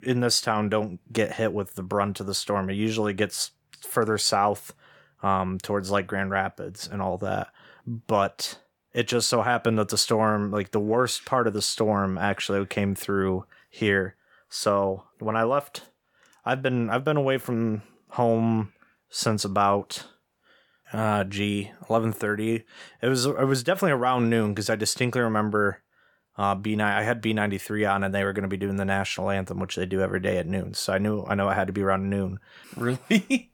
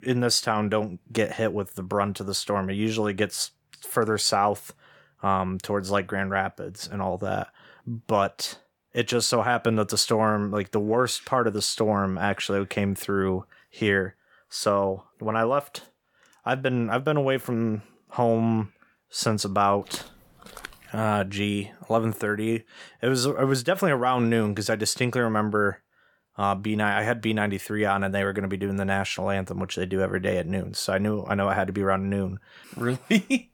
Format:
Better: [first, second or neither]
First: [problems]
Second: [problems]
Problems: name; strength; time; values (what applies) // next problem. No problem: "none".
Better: first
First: none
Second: footsteps; faint; at 20 s; peak 15 dB below the speech